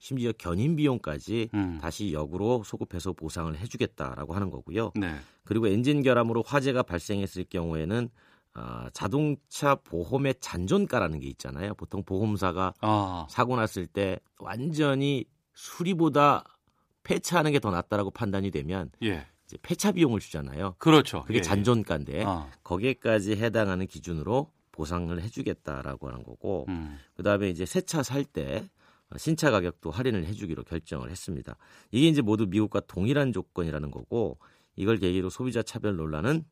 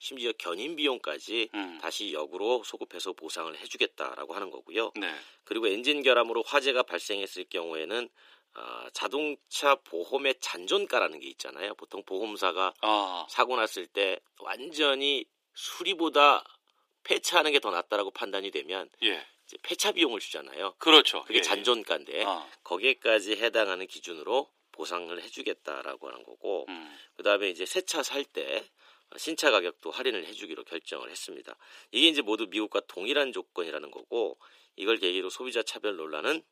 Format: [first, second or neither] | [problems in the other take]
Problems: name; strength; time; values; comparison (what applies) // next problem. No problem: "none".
first | thin; very; fading below 350 Hz